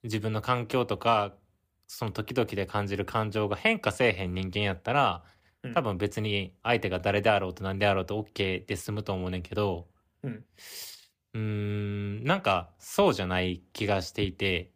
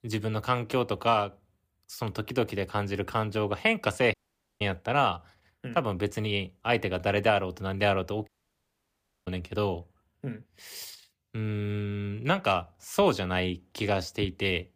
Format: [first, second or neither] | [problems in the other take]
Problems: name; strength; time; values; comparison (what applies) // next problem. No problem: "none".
first | audio cutting out; at 4 s and at 8.5 s for 1 s